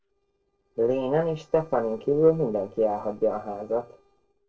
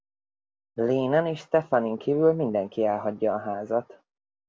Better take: second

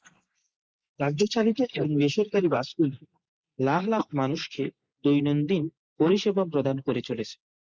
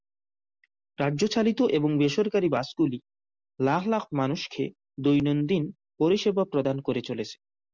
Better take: second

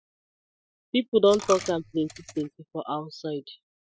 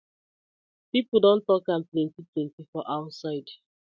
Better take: second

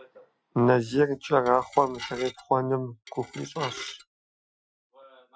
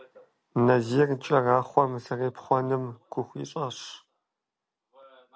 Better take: second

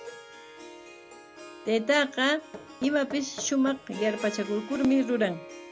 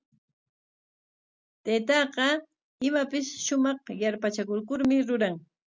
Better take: second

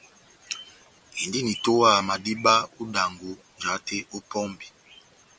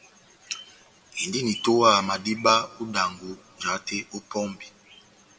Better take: first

